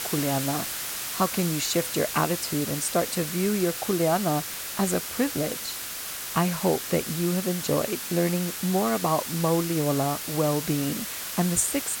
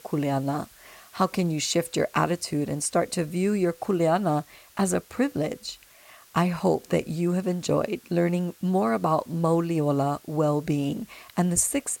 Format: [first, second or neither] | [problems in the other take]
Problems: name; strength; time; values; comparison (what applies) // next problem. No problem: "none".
second | hiss; loud; throughout; 4 dB below the speech; faint in the second